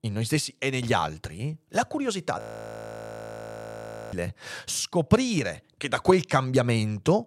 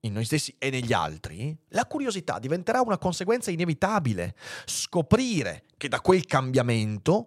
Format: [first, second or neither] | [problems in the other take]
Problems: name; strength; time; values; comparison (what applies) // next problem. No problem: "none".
second | audio freezing; at 2.5 s for 1.5 s